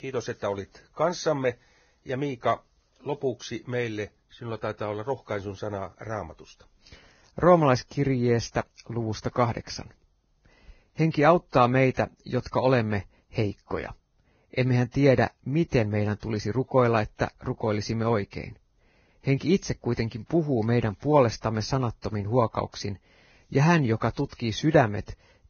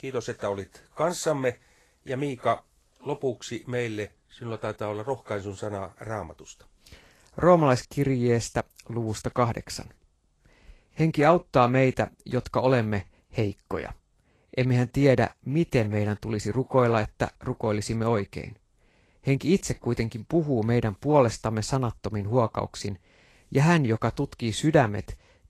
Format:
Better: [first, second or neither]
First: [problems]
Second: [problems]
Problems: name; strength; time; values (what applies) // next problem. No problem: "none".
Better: second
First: garbled, watery; badly; nothing above 6.5 kHz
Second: garbled, watery; slightly; nothing above 12.5 kHz